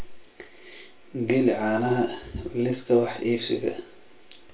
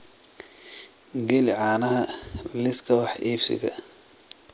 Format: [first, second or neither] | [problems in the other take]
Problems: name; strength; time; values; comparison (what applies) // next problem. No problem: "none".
second | room echo; dies away in 0.3 s